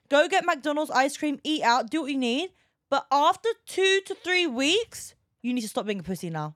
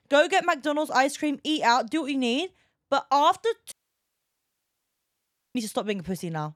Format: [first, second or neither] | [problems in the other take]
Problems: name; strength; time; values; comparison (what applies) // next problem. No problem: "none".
first | audio cutting out; at 3.5 s for 2 s